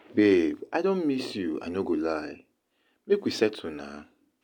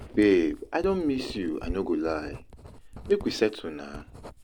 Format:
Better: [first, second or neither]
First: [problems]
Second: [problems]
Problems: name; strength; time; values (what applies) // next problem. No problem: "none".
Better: first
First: none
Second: background sound (Writing); 15 dB below the speech